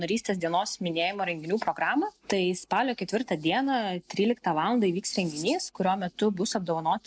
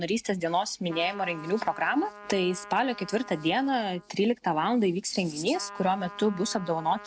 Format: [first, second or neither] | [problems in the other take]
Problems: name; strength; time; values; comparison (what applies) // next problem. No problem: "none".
first | background sound (Trumpet); 18 dB below the speech